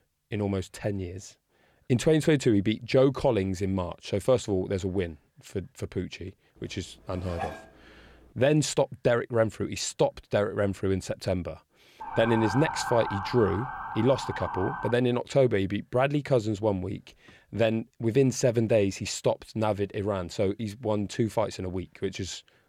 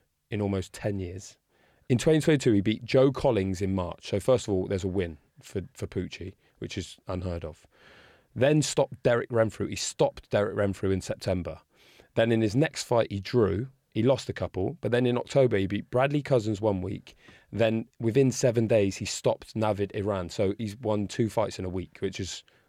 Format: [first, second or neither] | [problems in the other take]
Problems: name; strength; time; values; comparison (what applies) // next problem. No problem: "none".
second | clattering dishes; noticeable; at 7 s; peak 9 dB below the speech // siren; noticeable; from 12 to 15 s; peak 4 dB below the speech